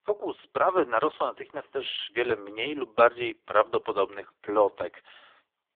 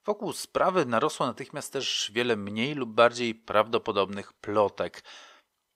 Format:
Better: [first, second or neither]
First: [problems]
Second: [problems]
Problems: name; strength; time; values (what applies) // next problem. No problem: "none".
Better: second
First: phone-call audio; poor line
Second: none